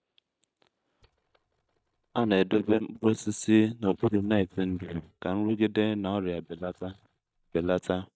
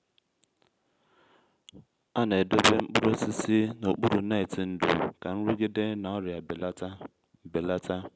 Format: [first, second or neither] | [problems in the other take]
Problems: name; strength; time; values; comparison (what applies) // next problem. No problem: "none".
second | noise reduction (neural mask model DeepFilterNet 3)